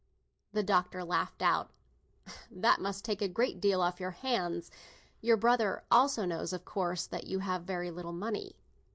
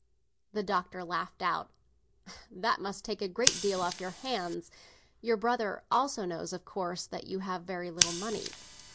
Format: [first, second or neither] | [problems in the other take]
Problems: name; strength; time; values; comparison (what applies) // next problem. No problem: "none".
first | background sound (Scissors); 5 dB below the speech